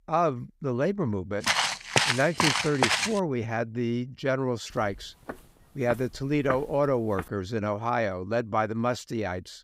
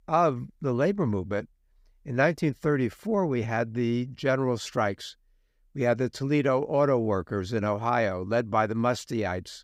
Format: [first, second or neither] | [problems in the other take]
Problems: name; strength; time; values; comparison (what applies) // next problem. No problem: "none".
second | footsteps; loud; from 1.5 to 3 s; peak 5 dB above the speech // footsteps; noticeable; from 5.5 to 7 s; peak 6 dB below the speech